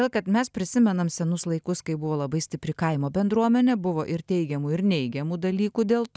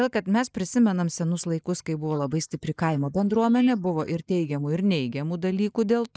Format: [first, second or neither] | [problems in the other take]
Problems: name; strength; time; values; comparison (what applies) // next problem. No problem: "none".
first | noise reduction (neural mask model Resemble Enhance denoiser)